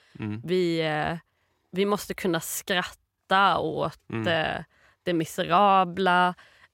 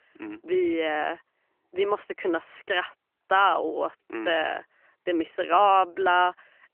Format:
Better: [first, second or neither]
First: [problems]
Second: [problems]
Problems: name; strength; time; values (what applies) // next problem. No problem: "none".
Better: first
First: none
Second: phone-call audio; nothing above 3 kHz